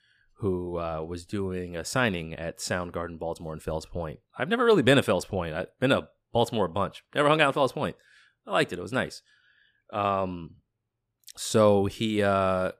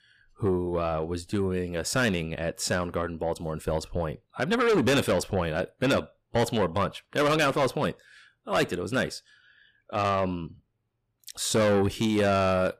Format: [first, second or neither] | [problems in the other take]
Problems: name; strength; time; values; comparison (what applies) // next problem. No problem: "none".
first | distortion; heavy; 7 dB below the speech